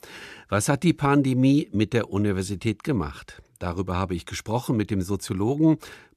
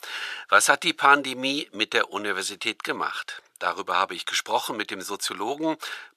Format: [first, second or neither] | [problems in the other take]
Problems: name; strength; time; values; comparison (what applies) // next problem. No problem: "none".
first | thin; very; fading below 750 Hz